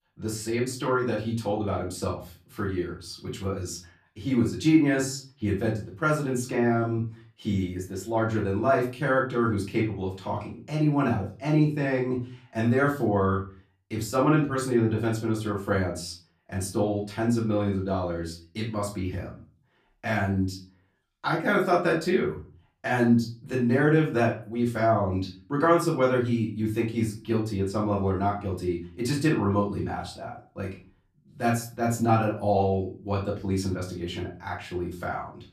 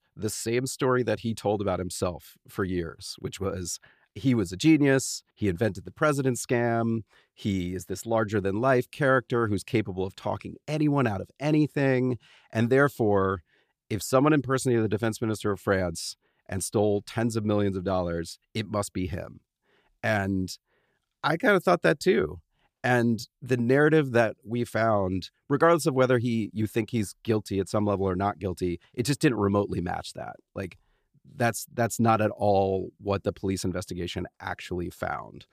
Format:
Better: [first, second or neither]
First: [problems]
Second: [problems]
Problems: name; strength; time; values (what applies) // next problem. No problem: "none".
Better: second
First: off-mic speech; far // room echo; slight; dies away in 0.3 s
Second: none